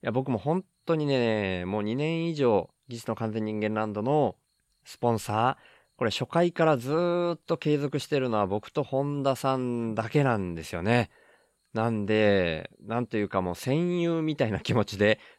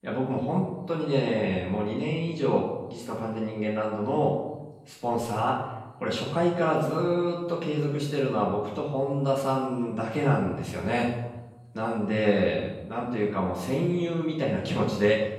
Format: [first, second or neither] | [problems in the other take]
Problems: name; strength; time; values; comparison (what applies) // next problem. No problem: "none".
first | off-mic speech; far // room echo; noticeable; dies away in 0.8 s